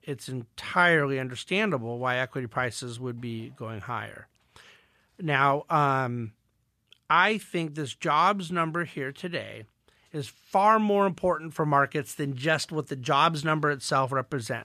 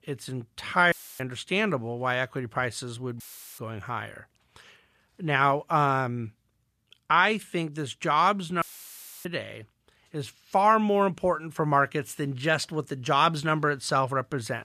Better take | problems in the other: first | audio cutting out; filled with static; at 1 s, at 3 s and at 8.5 s for 0.5 s

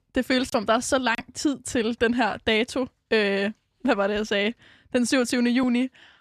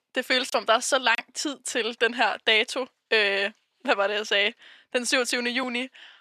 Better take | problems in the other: first | thin; somewhat; fading below 500 Hz

